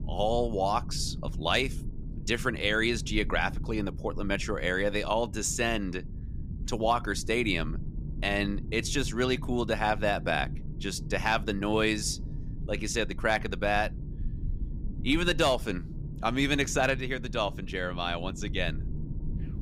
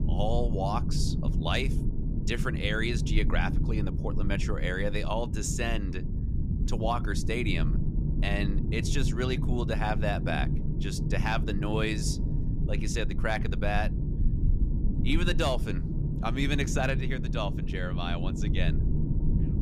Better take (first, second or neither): first